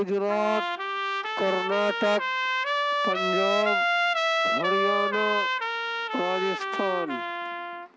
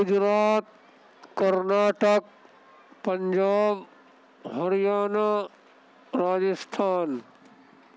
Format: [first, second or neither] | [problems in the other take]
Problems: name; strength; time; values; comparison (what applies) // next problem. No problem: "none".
second | background sound (Trumpet); 2 dB above the speech